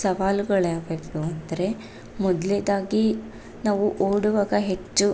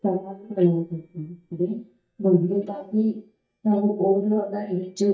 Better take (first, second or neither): first